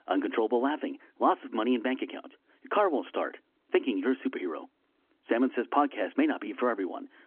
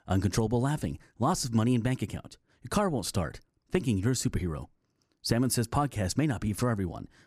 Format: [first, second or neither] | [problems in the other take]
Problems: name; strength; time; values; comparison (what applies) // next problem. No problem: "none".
second | phone-call audio